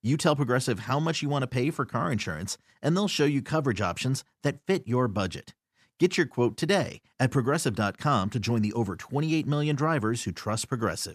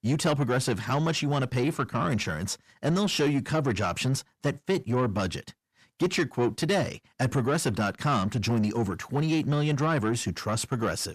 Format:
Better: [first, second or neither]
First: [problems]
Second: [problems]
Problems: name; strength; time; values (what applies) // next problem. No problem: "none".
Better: first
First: none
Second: distortion; slight; 10 dB below the speech